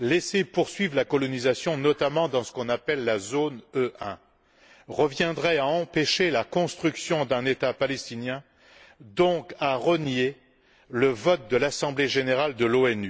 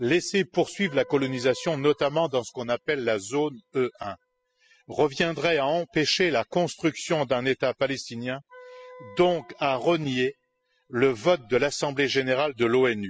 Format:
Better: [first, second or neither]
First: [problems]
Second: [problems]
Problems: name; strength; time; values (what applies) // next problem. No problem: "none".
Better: first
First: none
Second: noise reduction (classical method spectral subtraction)